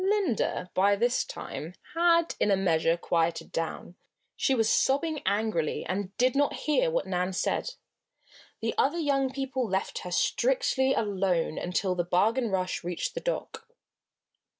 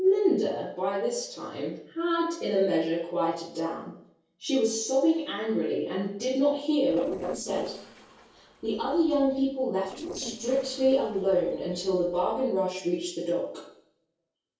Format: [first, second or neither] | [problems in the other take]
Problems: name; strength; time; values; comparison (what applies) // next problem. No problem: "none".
first | noise reduction (neural separator model SepFormer DNS4)